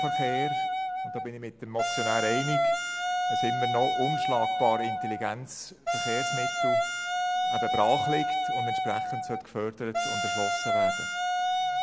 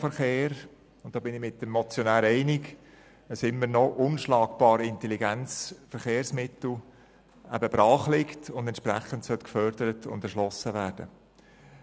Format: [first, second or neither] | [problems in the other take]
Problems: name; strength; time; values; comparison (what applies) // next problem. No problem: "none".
second | background sound (Wind instrument, woodwind instrument); 4 dB above the speech